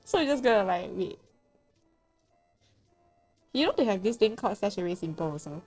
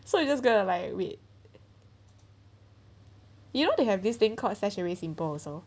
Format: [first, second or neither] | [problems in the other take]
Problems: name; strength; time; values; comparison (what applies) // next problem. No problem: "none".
second | noise reduction (neural separator model SepFormer DNS4)